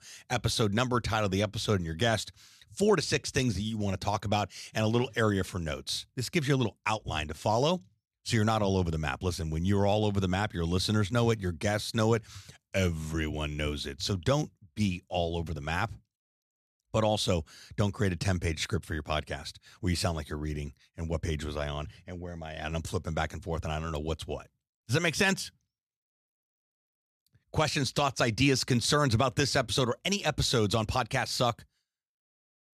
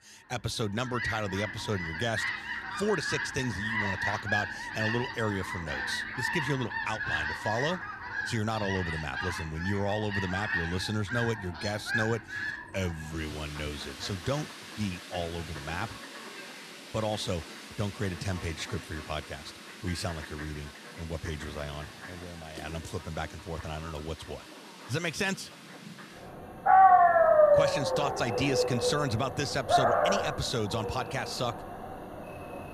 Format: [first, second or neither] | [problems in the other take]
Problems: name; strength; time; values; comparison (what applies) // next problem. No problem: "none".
first | animal sounds; very loud; throughout; 4 dB above the speech